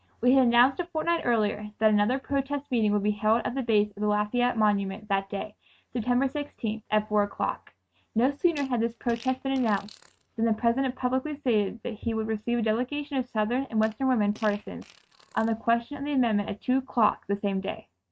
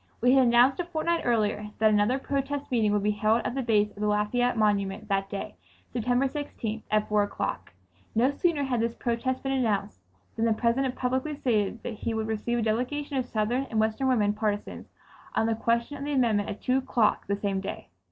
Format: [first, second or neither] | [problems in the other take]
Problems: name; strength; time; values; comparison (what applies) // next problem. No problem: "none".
second | noise reduction (neural mask model RNNoise)